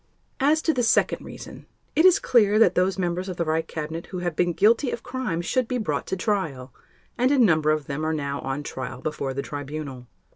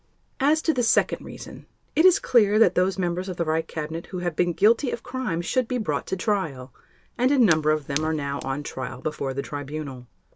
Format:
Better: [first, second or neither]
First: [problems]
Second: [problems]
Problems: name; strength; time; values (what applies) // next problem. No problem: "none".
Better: first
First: none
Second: background sound (Fire); 15 dB below the speech